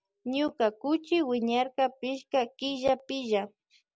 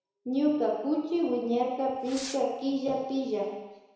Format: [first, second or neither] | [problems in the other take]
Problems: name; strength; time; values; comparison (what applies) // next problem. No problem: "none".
first | background sound (Fireworks); 15 dB below the speech // room echo; dies away in 1 s